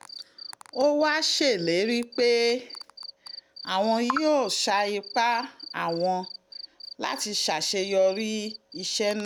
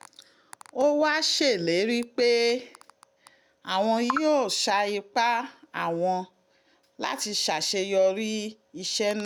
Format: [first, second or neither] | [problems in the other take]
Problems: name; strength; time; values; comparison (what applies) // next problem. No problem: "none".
second | background sound (Cricket); 17 dB below the speech